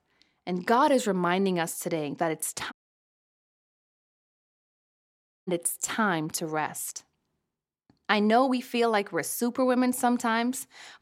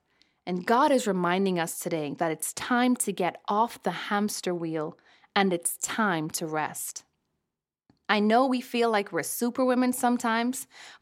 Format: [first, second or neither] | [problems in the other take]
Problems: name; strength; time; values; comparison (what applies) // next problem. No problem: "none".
second | audio cutting out; at 2.5 s for 2.5 s